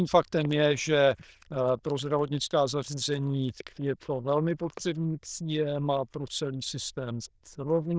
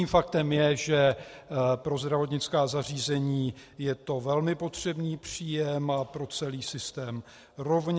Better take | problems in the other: second | noise reduction (neural diffusion model UNIVERSE++)

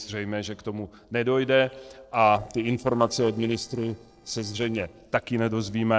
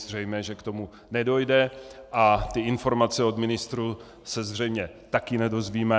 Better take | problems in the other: second | noise reduction (neural separator model SepFormer DNS4)

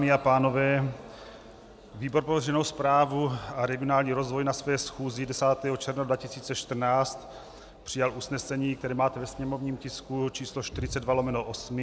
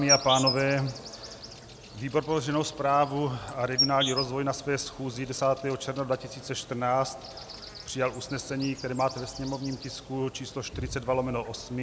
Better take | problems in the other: first | background sound (Insect); 8 dB below the speech

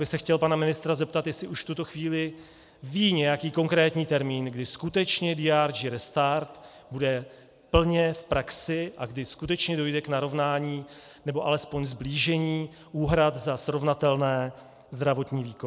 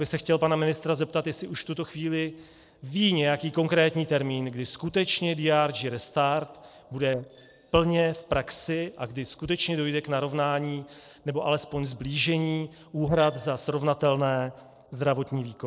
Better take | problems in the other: first | noise reduction (neural separator model SepFormer DNS4)

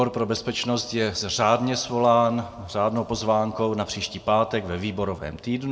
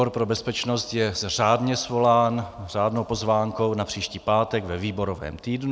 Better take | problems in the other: second | room echo; dies away in 1.6 s

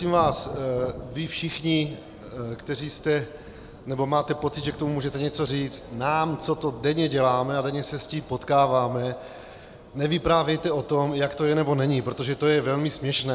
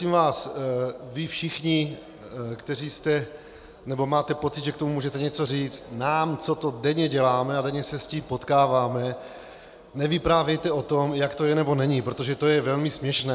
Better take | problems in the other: second | background sound (Thunder / Rain); 19 dB below the speech

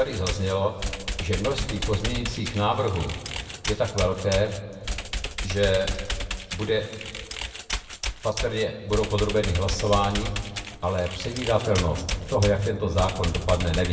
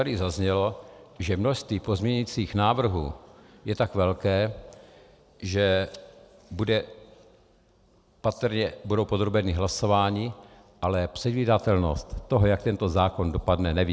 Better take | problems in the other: second | background sound (Computer keyboard); 6 dB below the speech // room echo; dies away in 1.6 s

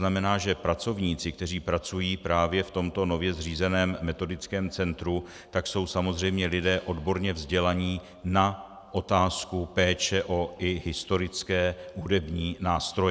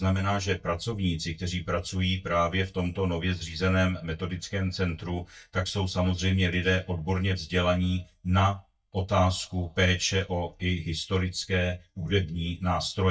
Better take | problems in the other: first | noise reduction (neural mask model DeepFilterNet 3)

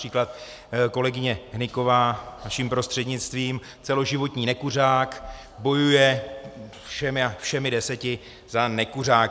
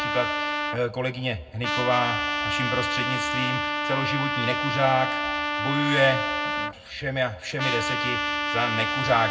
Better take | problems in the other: first | background sound (Trumpet); as loud as the speech // room echo; dies away in 0.3 s

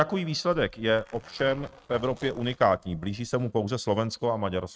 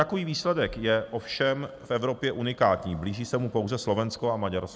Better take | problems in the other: second | noise reduction (neural mask model RNNoise)

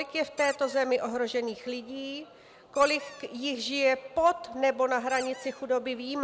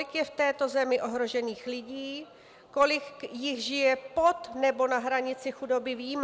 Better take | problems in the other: second | background sound (Squeak); 17 dB below the speech

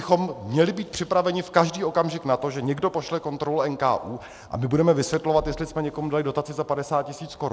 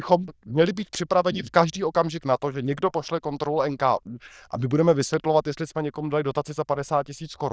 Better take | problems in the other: first | noise reduction (neural diffusion model UNIVERSE++)

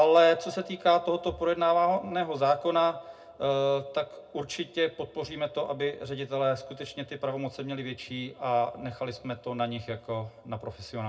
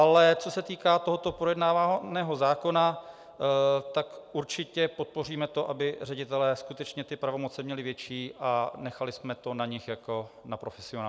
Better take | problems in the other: second | room echo; dies away in 0.2 s

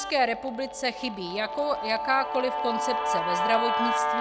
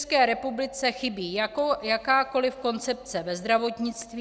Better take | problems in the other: second | background sound (Guitar); as loud as the speech

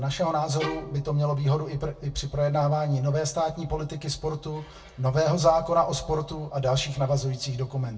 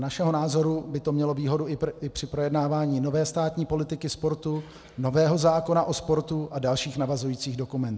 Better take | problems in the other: second | background sound (Bowed string instrument); 15 dB below the speech // room echo; dies away in 0.1 s

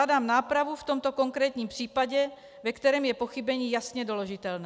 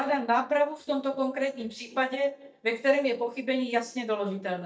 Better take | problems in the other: first | noise reduction (neural mask model DeepFilterNet 3)

